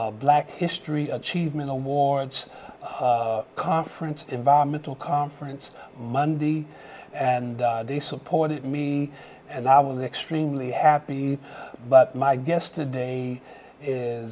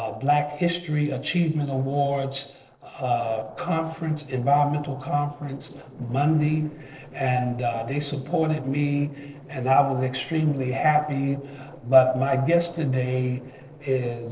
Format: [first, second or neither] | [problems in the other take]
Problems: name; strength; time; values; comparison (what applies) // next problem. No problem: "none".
first | noise reduction (neural separator model SepFormer DNS4)